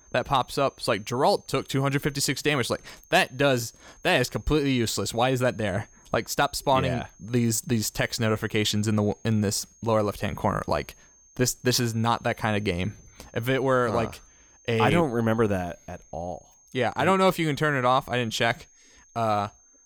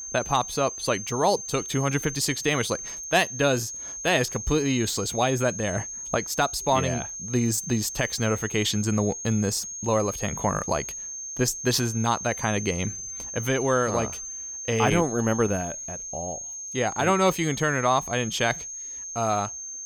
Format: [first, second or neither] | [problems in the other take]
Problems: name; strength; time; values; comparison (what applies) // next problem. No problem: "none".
first | high-pitched whine; loud; throughout; 6.5 kHz, 7 dB below the speech; faint in the first